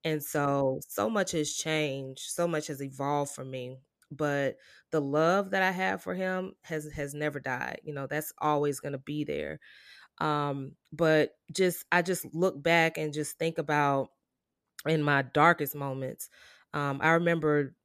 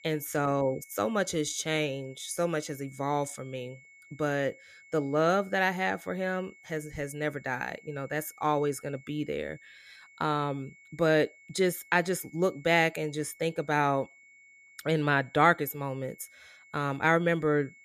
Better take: first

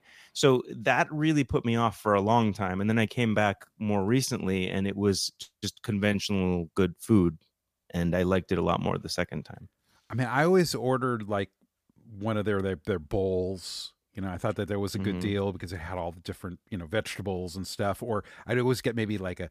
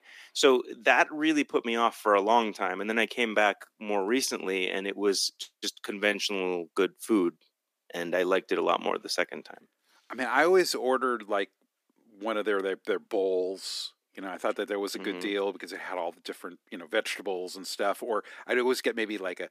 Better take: first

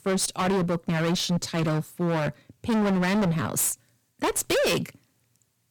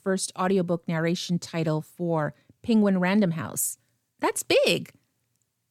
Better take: second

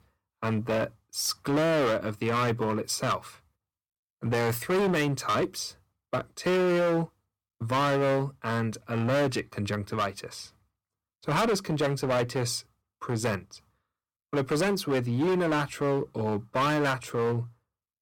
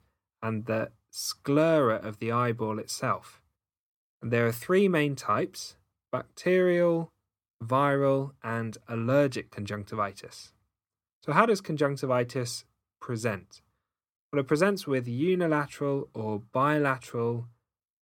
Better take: second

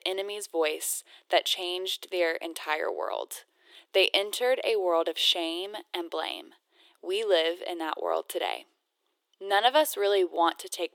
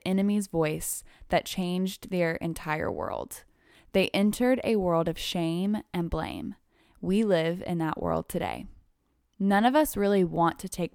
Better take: second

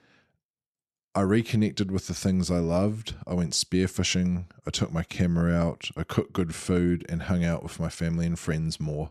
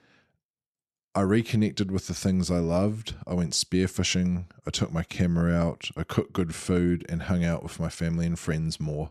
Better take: neither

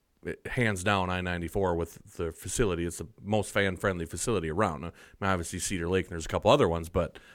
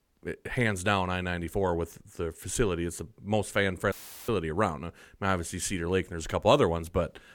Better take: first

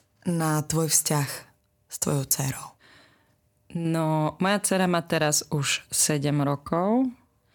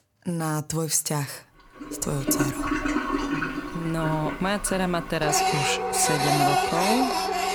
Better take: first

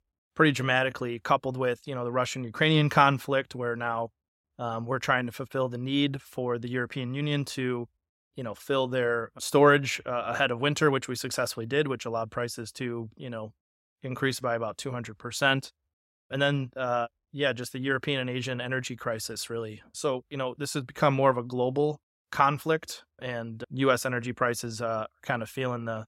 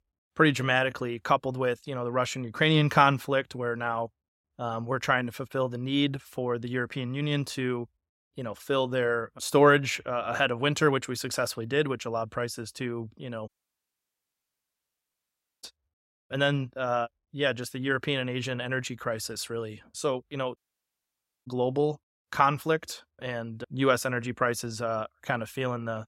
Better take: first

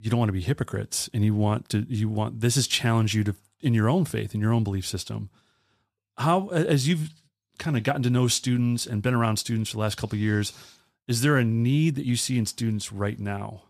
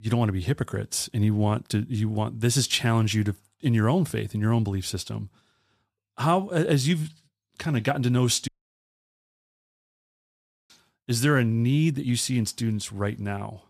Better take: first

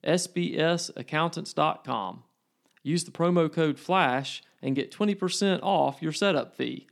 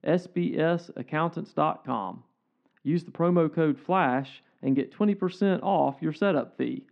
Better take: first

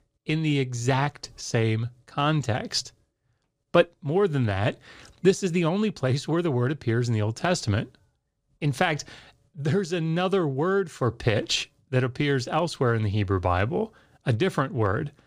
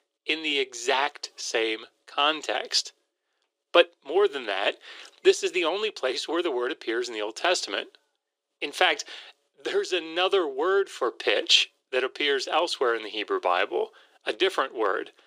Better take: first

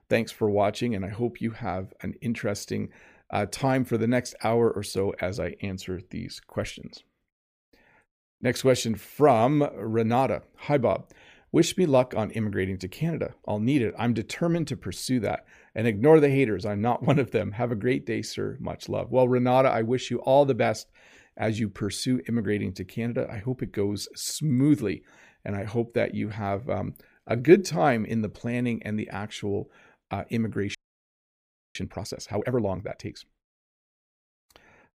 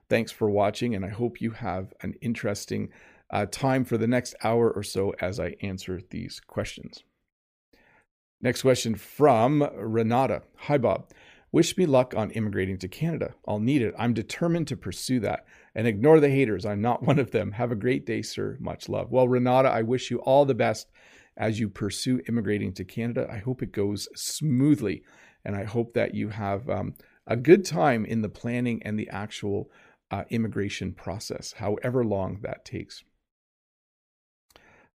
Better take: second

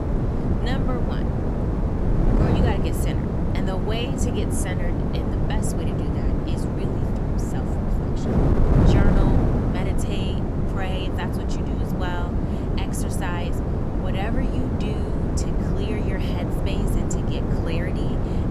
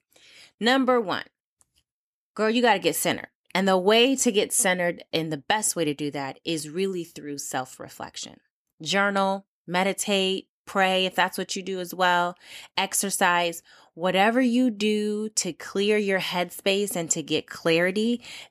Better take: second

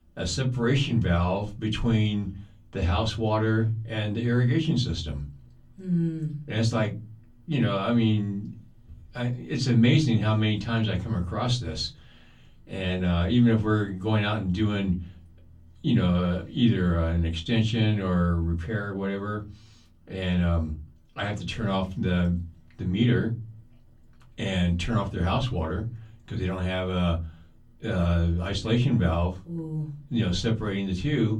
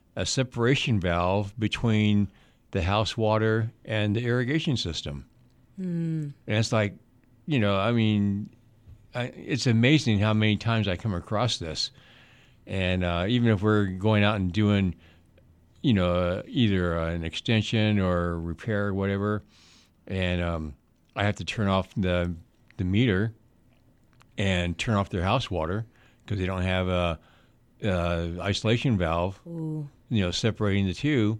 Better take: second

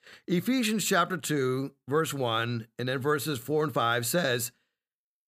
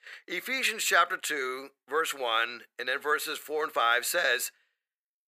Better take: first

